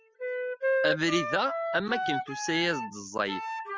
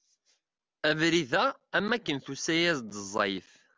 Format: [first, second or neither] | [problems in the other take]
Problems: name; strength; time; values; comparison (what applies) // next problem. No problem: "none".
second | noise reduction (classical method spectral subtraction)